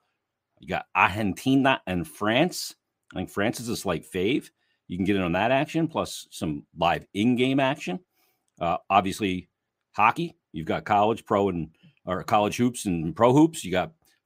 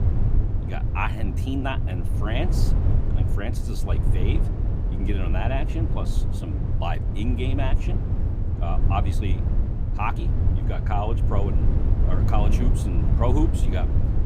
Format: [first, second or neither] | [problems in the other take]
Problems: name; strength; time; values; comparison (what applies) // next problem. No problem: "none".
first | low rumble; loud; throughout; 6 dB below the speech